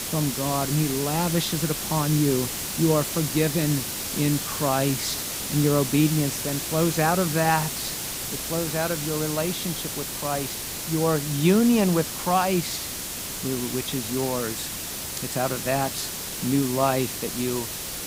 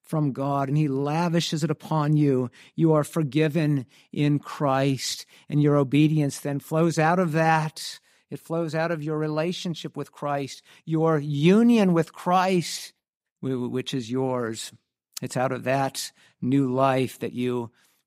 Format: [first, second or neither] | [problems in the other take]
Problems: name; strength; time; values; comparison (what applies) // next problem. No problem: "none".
second | hiss; loud; throughout; 3 dB below the speech